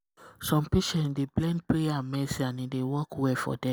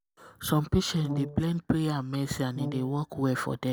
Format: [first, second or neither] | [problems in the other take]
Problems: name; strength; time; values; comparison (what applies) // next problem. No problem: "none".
first | background sound (Brass instrument); 8 dB below the speech